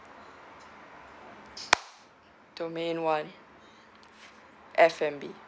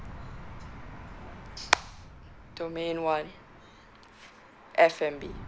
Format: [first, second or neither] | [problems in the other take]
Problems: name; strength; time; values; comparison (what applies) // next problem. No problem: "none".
first | background sound (Fire); 14 dB below the speech